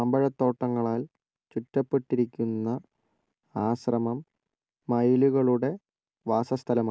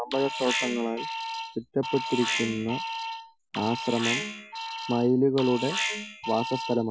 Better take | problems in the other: first | noise reduction (classical method Wiener filter)

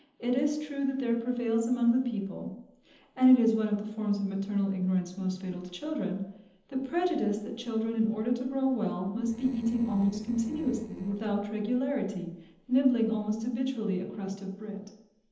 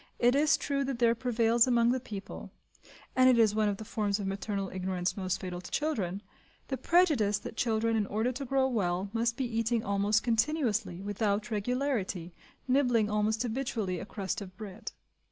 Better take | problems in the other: second | noise reduction (neural separator model SepFormer DNS4)

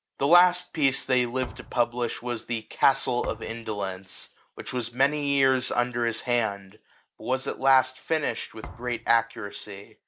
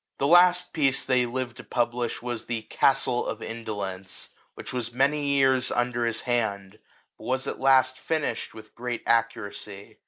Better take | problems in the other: second | background sound (Thump, thud); 18 dB below the speech

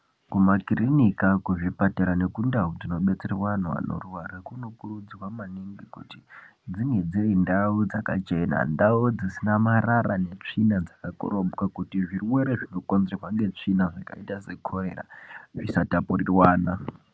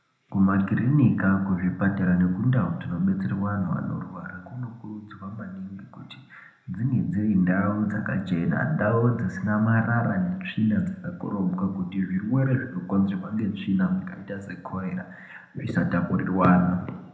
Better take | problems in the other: first | room echo; dies away in 0.7 s

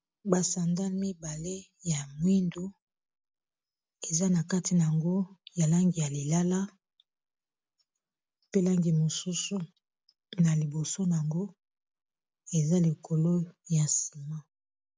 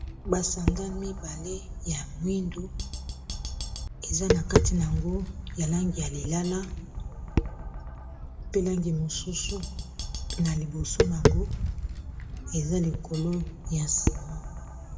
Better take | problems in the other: first | background sound (Tap); 1 dB above the speech // room echo; dies away in 1.7 s

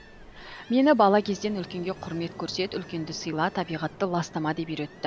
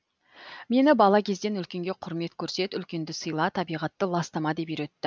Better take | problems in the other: second | background sound (Ocean); 18 dB below the speech

